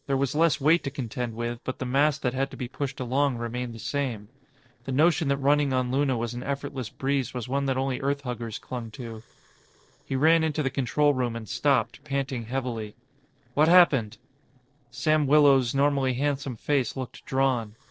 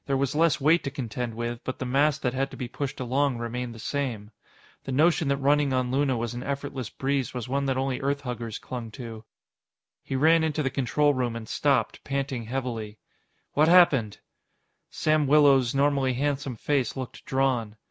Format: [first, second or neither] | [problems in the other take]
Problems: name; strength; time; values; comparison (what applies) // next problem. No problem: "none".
second | noise reduction (neural separator model SepFormer DNS4)